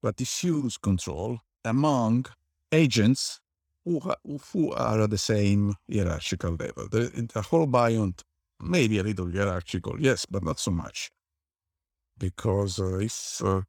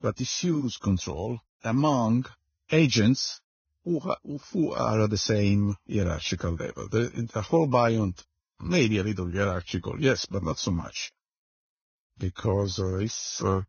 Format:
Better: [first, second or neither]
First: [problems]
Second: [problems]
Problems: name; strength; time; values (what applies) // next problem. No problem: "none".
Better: first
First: none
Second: garbled, watery; badly; nothing above 6.5 kHz